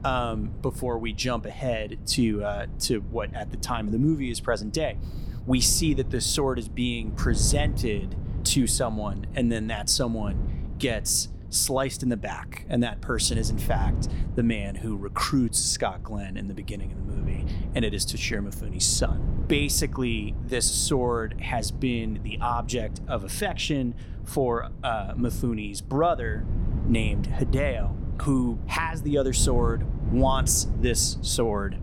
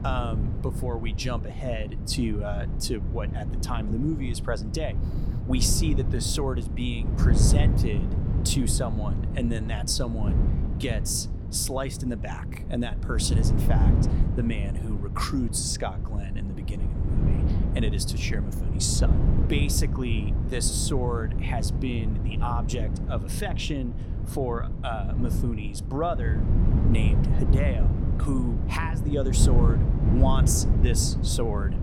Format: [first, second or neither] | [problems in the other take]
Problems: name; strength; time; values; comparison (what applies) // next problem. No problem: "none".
first | wind noise on the microphone; heavy; 6 dB below the speech; occasional gusts in the first